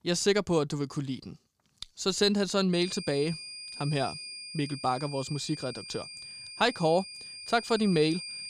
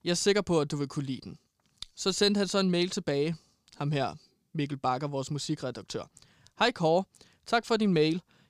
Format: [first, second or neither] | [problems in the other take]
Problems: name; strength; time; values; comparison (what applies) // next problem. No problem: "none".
second | high-pitched whine; noticeable; from 2.5 s on; 5 kHz, 10 dB below the speech